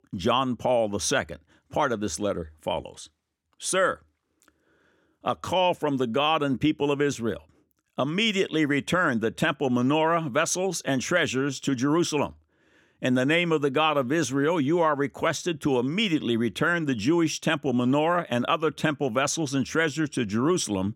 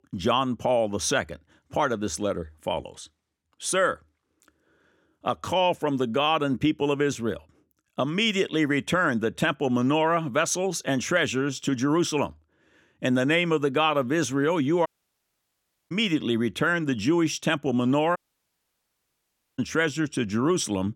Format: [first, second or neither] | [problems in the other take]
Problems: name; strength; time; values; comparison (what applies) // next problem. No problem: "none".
first | audio cutting out; at 15 s for 1 s and at 18 s for 1.5 s